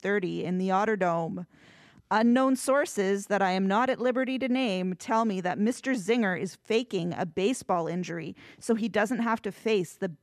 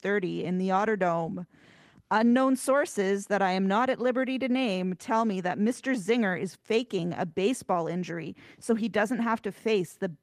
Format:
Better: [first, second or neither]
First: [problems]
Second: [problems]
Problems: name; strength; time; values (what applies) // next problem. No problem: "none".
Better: first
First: none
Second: garbled, watery; slightly